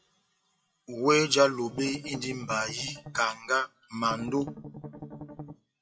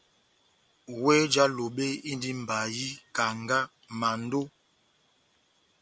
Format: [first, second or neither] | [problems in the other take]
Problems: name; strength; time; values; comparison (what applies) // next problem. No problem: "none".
second | noise reduction (classical method WPE with log-MMSE)